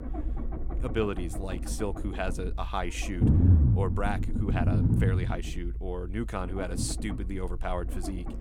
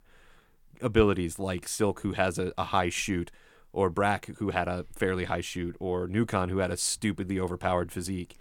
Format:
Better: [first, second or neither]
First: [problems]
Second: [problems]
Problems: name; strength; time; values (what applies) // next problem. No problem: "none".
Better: second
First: low rumble; loud; throughout; 4 dB below the speech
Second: none